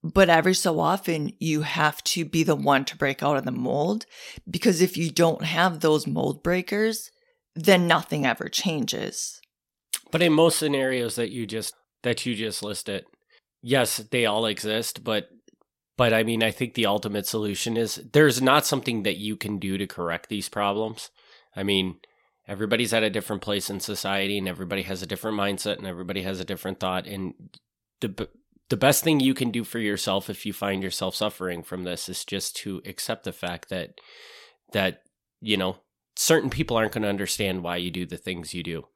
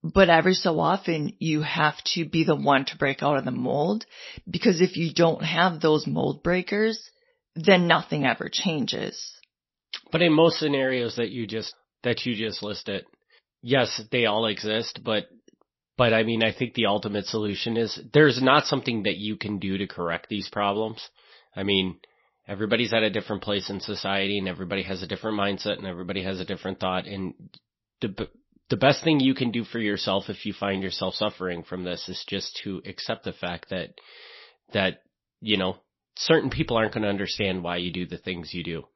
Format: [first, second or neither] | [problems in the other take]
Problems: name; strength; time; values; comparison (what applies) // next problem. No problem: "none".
first | garbled, watery; slightly; nothing above 5.5 kHz